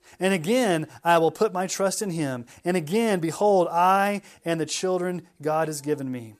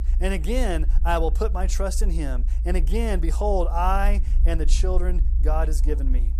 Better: first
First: none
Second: low rumble; noticeable; throughout; 20 dB below the speech

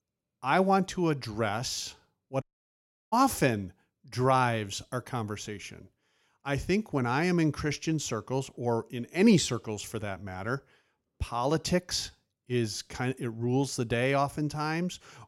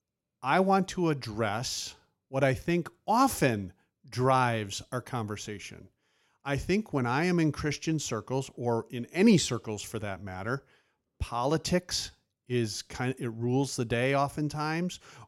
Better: second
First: audio cutting out; at 2.5 s for 0.5 s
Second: none

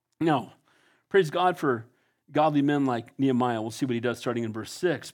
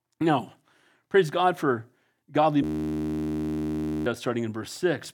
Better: first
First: none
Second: audio freezing; at 2.5 s for 1.5 s

